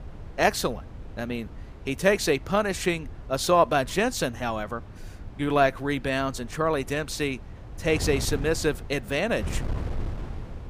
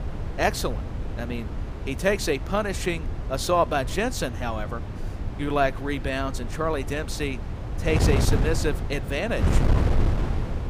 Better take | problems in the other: first | wind noise on the microphone; heavy; 10 dB below the speech; occasional gusts in the first

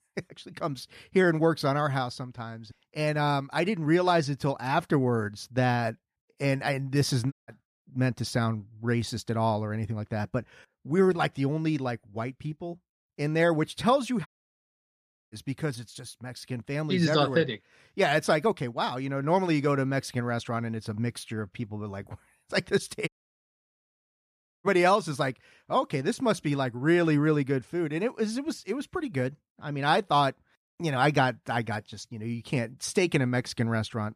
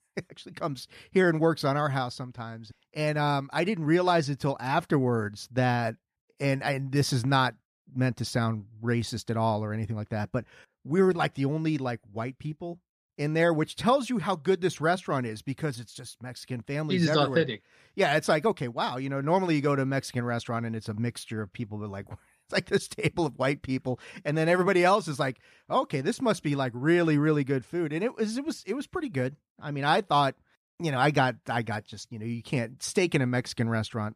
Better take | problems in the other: second | audio cutting out; at 7.5 s, at 14 s for 1 s and at 23 s for 1.5 s

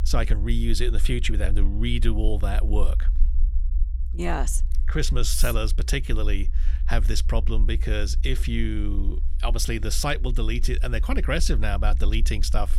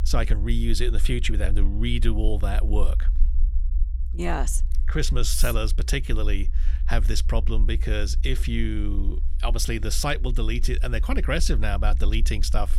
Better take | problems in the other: neither | low rumble; noticeable; throughout; 20 dB below the speech; the same in both

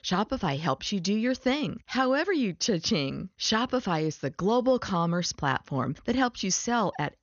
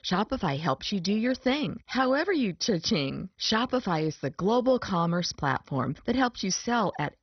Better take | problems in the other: first | garbled, watery; badly; nothing above 6 kHz; slightly in the first

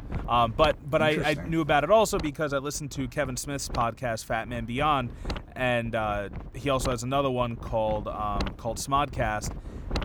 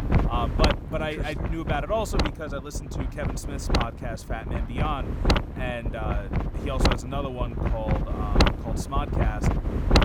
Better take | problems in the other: first | wind noise on the microphone; heavy; 1 dB above the speech; occasional gusts in the first

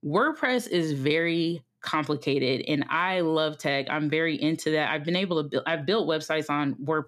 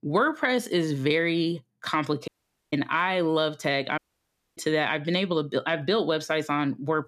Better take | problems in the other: first | audio cutting out; at 2.5 s and at 4 s for 0.5 s

